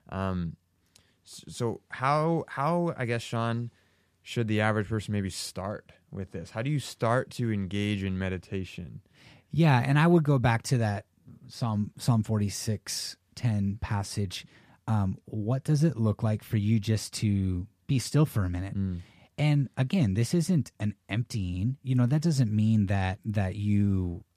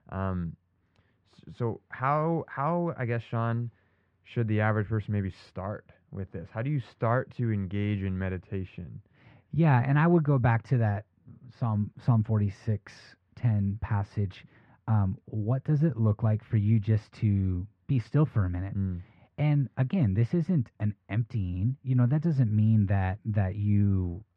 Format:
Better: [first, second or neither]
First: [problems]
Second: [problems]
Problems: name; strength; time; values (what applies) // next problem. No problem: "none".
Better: first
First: none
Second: muffled; very; fading above 1.5 kHz